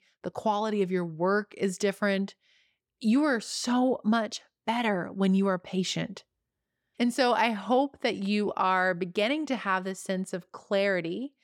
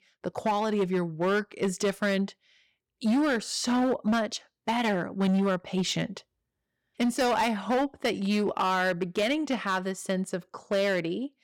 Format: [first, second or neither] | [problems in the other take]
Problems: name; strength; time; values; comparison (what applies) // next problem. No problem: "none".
first | distortion; slight; 10% of the sound clipped